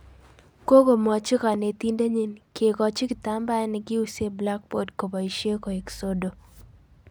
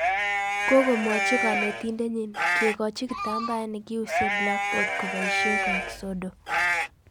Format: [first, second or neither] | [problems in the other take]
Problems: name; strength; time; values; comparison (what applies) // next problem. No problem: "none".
first | background sound (Livestock, farm animals, working animals); 2 dB above the speech